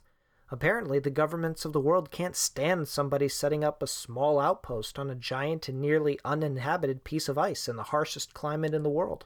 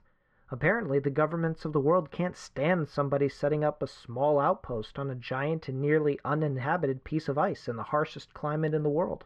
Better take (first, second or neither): first